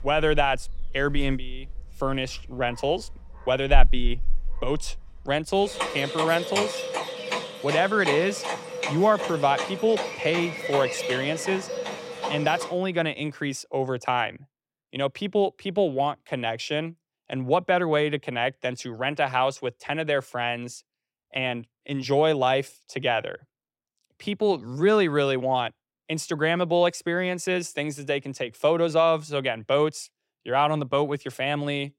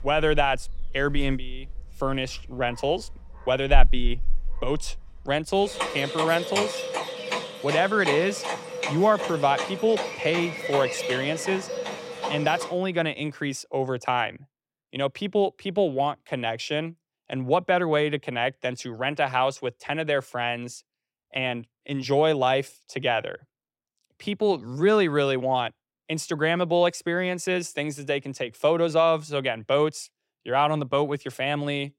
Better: neither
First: animal sounds; loud; until 13 s; 5 dB below the speech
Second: animal sounds; loud; until 13 s; 5 dB below the speech

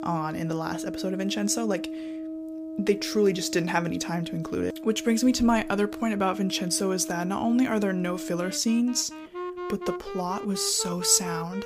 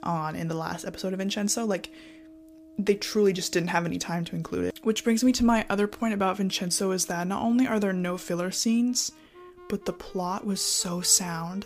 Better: second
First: background music; loud; throughout; 10 dB below the speech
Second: background music; faint; throughout; 25 dB below the speech

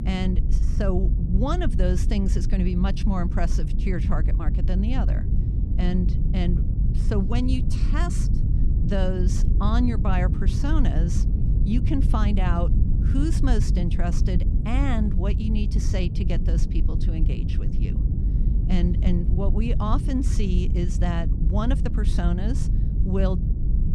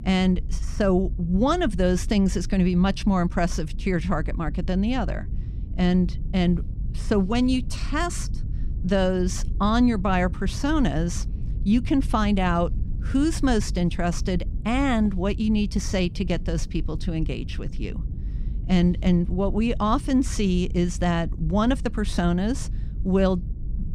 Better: second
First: low rumble; loud; throughout; 6 dB below the speech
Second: low rumble; faint; throughout; 20 dB below the speech

